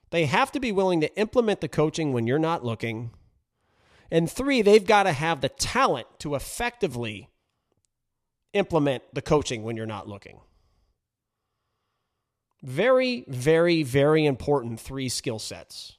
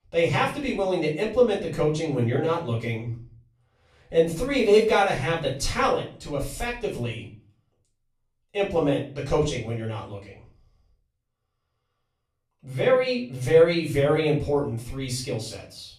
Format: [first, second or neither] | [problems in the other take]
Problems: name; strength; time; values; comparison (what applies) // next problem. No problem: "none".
first | room echo; slight; dies away in 0.4 s // off-mic speech; far